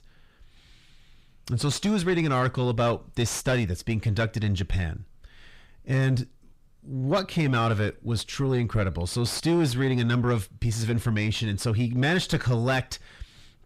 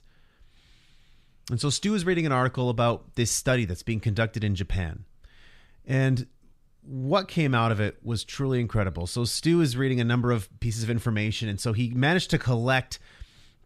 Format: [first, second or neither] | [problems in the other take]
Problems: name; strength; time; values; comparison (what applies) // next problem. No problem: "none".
second | distortion; slight; 10 dB below the speech